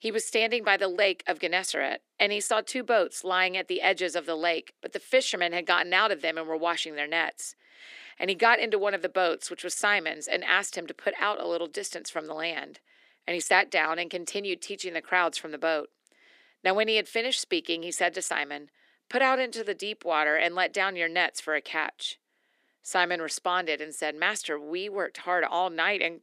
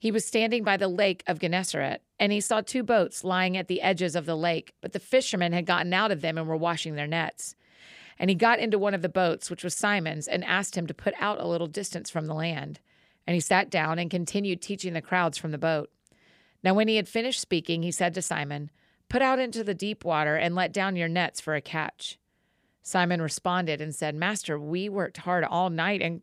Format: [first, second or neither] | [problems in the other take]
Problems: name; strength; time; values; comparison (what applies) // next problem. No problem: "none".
second | thin; somewhat; fading below 300 Hz